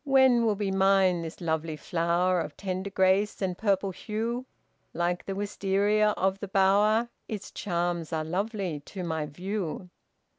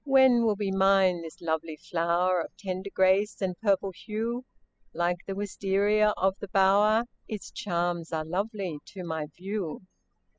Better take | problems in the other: first | noise reduction (classical method spectral subtraction)

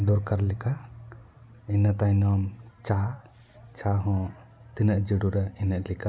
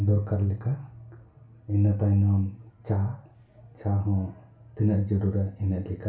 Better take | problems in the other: first | room echo; dies away in 0.3 s

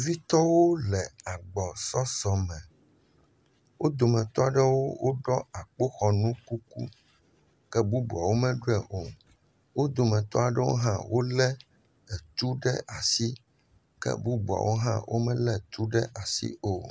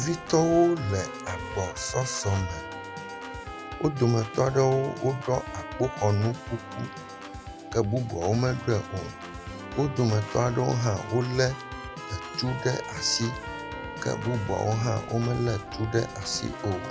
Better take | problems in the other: first | background sound (Trumpet + Organ); 10 dB below the speech

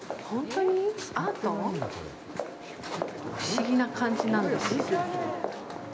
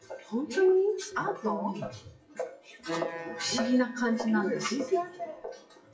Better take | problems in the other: first | noise reduction (classical method WPE with log-MMSE)

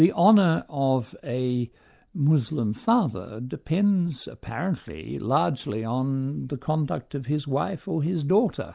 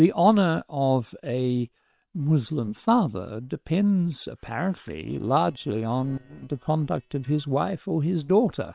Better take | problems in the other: first | noise reduction (neural separator model SepFormer WHAM!)

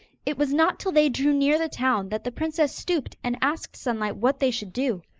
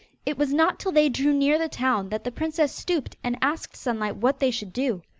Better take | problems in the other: second | noise reduction (neural mask model Resemble Enhance denoiser)

